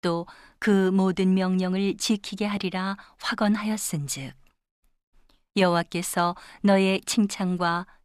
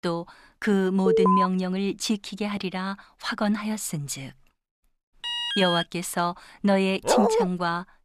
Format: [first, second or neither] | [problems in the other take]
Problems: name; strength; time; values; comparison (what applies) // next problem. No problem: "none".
first | alarm; loud; at 1 s and at 5 s; peak 5 dB above the speech // dog barking; loud; at 7 s; peak 5 dB above the speech